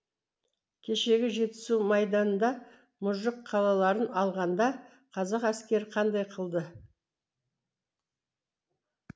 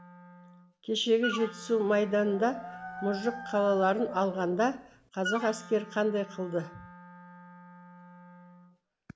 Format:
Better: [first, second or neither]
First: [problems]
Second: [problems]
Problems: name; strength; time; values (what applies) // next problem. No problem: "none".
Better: first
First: none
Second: background sound (Wind instrument, woodwind instrument + Dog); 12 dB below the speech